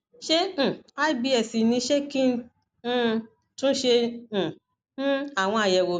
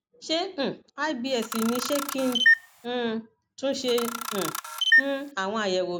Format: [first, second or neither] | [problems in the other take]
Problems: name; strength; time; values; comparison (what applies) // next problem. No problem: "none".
first | background sound (Camera); 3 dB above the speech